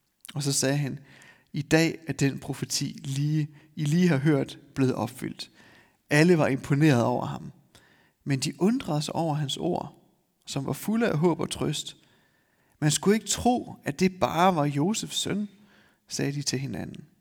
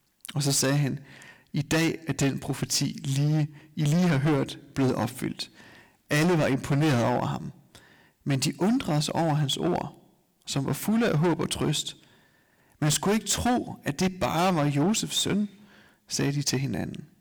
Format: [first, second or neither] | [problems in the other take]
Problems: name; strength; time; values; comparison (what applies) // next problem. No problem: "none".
first | distortion; heavy; 12% of the sound clipped